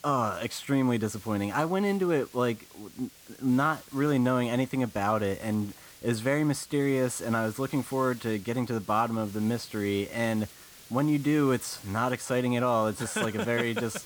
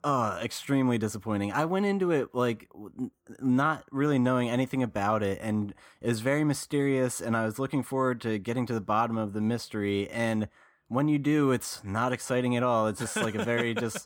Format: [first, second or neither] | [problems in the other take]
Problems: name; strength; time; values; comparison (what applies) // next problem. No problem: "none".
second | hiss; noticeable; throughout; 20 dB below the speech